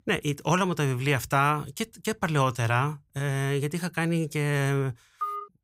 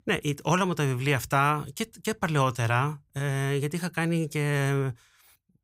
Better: second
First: phone ringing; noticeable; at 5 s; peak 6 dB below the speech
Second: none

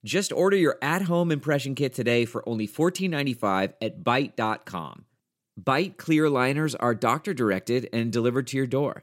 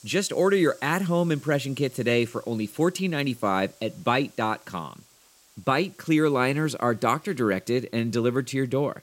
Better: first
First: none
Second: hiss; faint; throughout; 25 dB below the speech

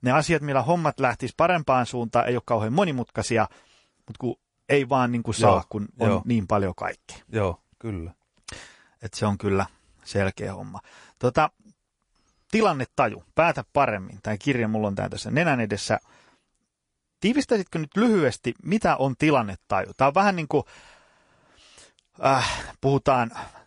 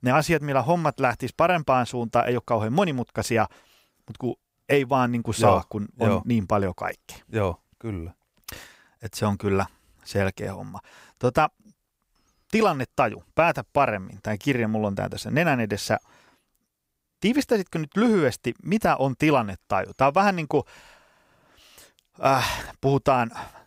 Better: second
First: garbled, watery; slightly; nothing above 10.5 kHz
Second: none

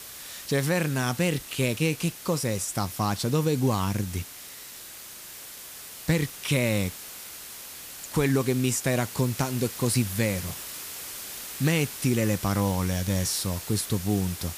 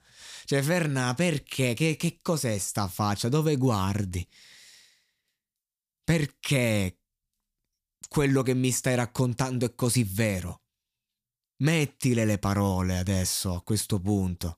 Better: second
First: hiss; noticeable; throughout; 10 dB below the speech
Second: none

